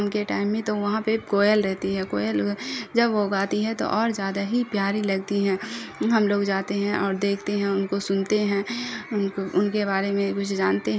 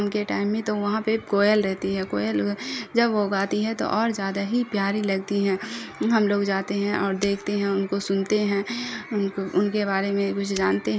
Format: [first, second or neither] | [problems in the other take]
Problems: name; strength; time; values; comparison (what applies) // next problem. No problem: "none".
first | background sound (Shatter); 16 dB below the speech